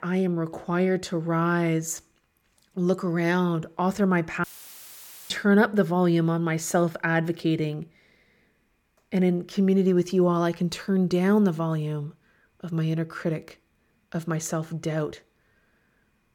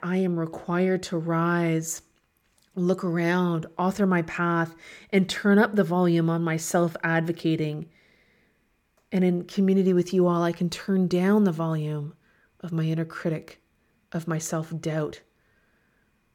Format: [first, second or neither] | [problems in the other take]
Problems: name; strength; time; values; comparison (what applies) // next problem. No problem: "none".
second | audio cutting out; filled with static; at 4.5 s for 1 s